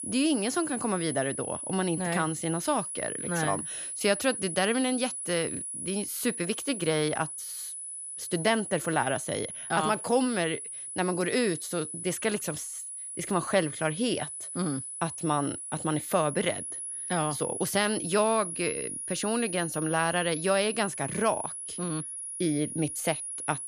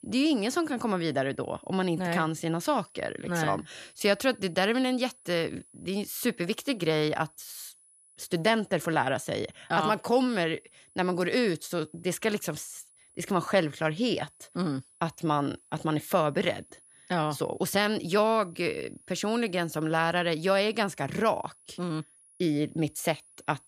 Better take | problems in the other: second | high-pitched whine; loud; throughout; 10.5 kHz, 5 dB below the speech; faint in the second

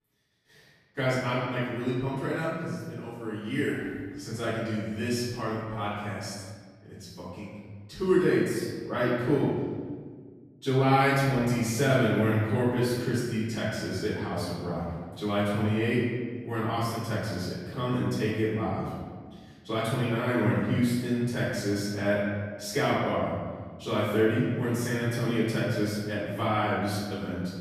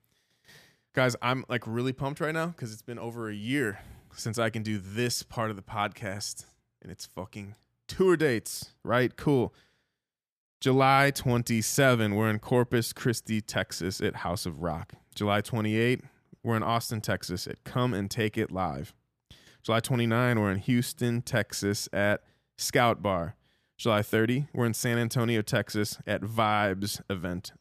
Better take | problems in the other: second | off-mic speech; far // room echo; strong; dies away in 1.5 s

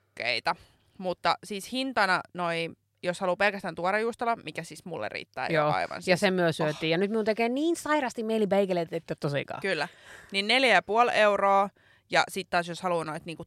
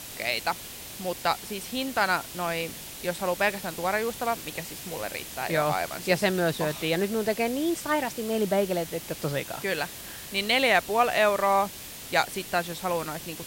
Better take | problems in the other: first | hiss; noticeable; throughout; 10 dB below the speech

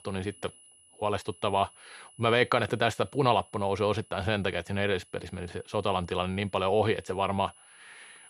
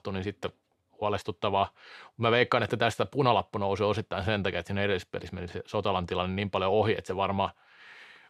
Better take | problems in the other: second | high-pitched whine; faint; throughout; 10 kHz, 25 dB below the speech

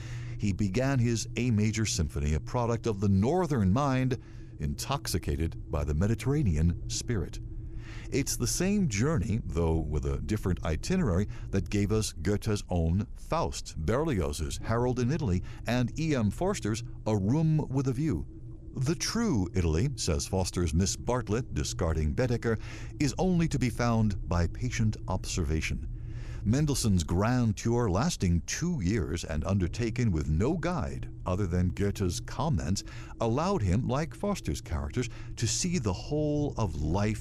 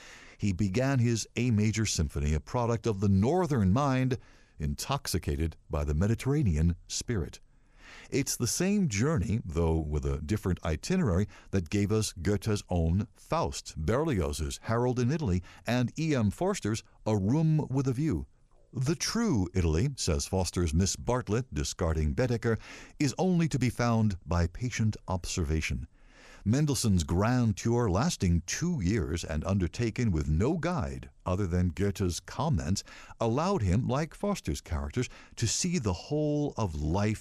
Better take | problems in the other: second | low rumble; faint; throughout; 20 dB below the speech

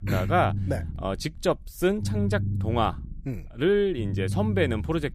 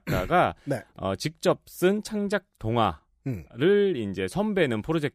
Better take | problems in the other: second | low rumble; noticeable; throughout; 15 dB below the speech

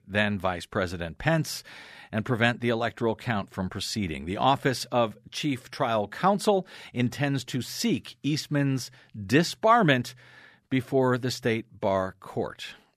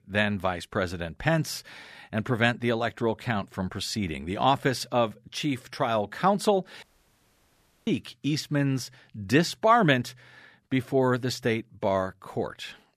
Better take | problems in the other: first | audio cutting out; at 7 s for 1 s

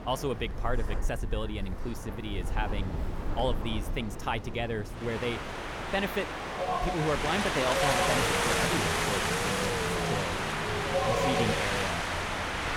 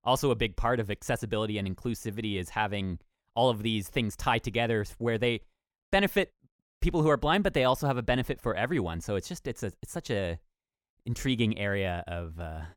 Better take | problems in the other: second | wind in the background; very loud; throughout; 4 dB above the speech

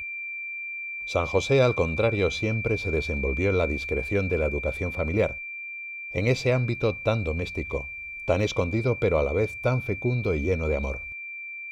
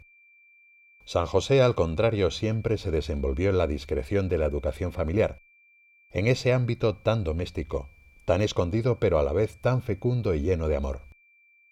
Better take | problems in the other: second | high-pitched whine; loud; throughout; 2.5 kHz, 7 dB below the speech; faint in the second

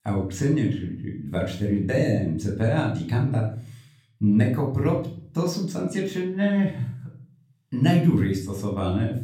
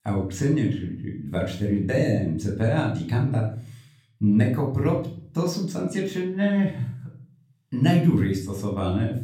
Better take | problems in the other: neither | off-mic speech; somewhat distant; the same in both // room echo; slight; dies away in 0.5 s; the same in both

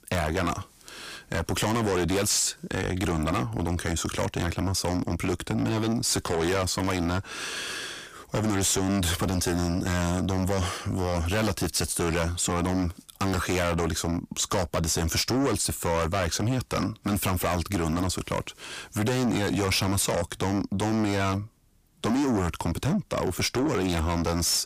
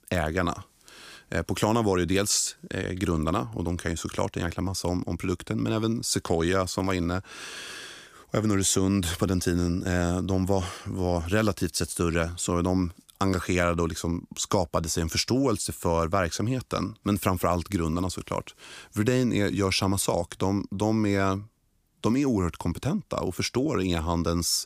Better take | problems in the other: second | distortion; heavy; 5 dB below the speech

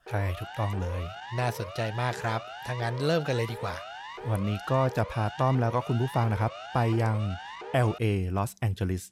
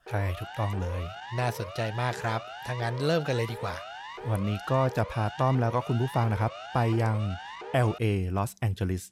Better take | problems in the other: neither | siren; faint; until 8 s; peak 10 dB below the speech; the same in both

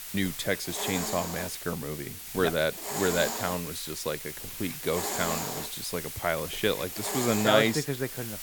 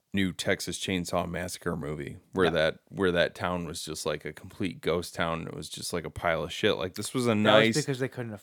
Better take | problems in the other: second | hiss; loud; throughout; 4 dB below the speech

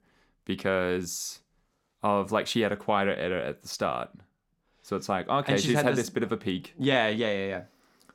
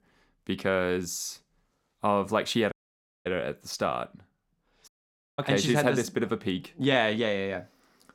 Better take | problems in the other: first | audio cutting out; at 2.5 s for 0.5 s and at 5 s for 0.5 s

